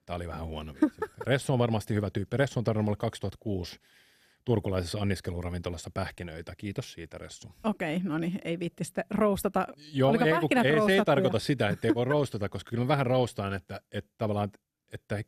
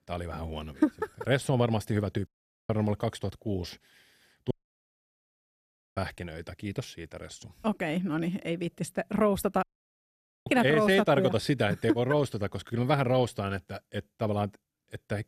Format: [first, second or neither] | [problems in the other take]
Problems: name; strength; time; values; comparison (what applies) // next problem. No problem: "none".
first | audio cutting out; at 2.5 s, at 4.5 s for 1.5 s and at 9.5 s for 1 s